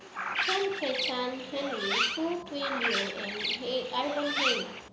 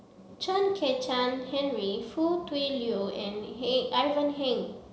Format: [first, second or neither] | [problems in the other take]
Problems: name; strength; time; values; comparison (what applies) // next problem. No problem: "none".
second | background sound (Bird); as loud as the speech